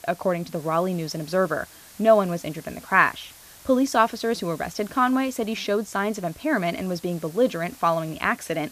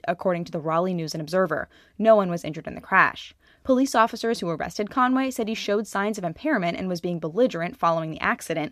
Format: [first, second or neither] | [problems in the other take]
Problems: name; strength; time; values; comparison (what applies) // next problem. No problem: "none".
second | hiss; faint; throughout; 20 dB below the speech